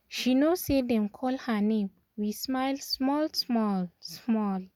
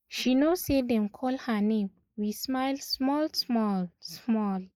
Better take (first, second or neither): first